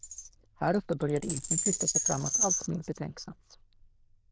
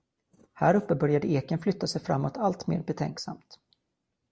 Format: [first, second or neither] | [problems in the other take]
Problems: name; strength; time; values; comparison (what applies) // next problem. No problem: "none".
second | noise reduction (neural diffusion model UNIVERSE++)